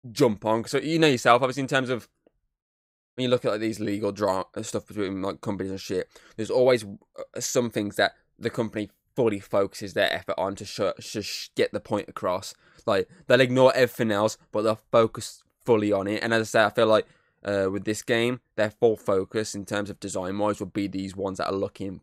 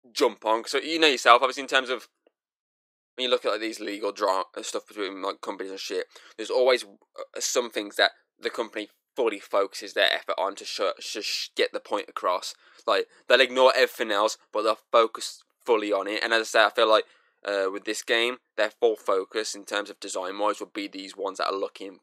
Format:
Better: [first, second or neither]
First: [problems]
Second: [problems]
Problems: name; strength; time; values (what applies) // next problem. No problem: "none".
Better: first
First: none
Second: thin; somewhat; fading below 350 Hz